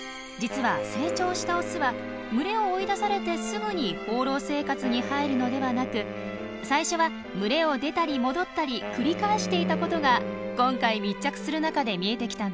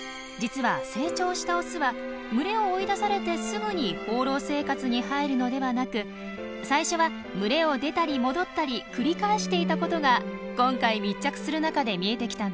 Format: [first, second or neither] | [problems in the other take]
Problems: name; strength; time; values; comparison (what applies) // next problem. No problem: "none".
second | background sound (Wind instrument, woodwind instrument); 12 dB below the speech